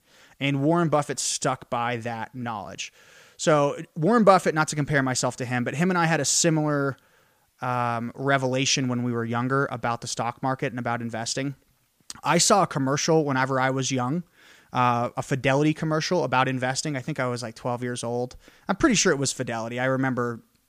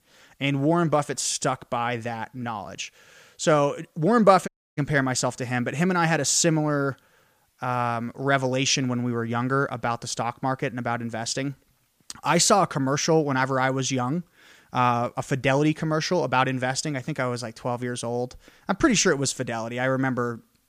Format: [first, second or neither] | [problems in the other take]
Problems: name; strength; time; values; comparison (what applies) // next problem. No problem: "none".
first | audio cutting out; at 4.5 s